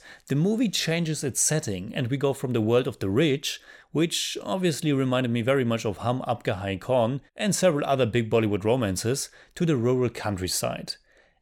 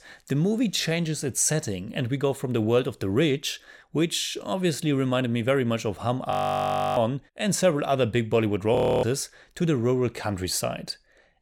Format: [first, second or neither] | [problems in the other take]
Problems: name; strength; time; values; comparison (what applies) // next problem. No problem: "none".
first | audio freezing; at 6.5 s for 0.5 s and at 9 s